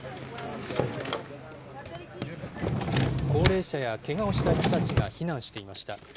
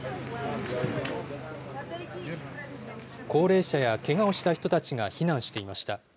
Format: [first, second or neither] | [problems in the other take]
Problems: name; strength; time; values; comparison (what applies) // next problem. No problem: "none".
second | background sound (Drawer open or close); 3 dB above the speech